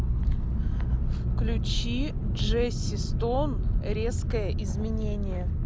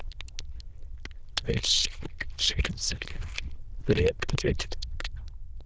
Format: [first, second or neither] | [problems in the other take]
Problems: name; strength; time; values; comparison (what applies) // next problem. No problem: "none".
first | noise reduction (neural diffusion model UNIVERSE++)